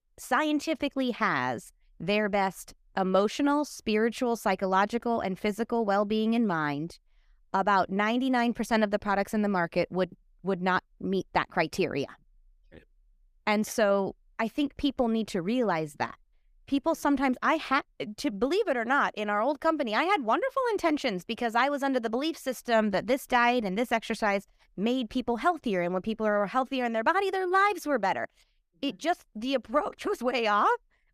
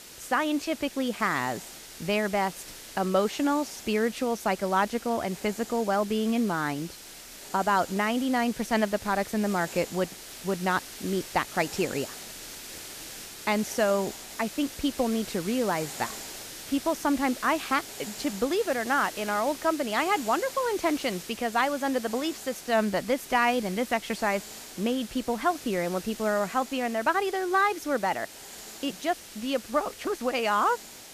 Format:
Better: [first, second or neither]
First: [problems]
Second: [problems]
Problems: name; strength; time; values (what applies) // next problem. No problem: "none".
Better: first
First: none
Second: hiss; noticeable; throughout; 10 dB below the speech